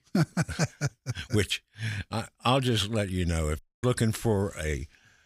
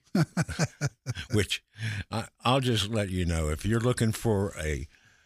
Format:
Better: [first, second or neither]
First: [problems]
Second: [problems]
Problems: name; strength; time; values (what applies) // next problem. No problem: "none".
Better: second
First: audio cutting out; at 3.5 s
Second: none